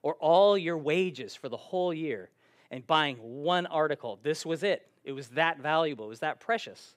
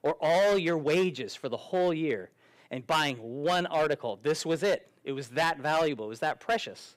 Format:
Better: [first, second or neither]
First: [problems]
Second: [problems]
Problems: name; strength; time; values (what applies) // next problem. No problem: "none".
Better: first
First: none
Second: distortion; heavy; 8% of the sound clipped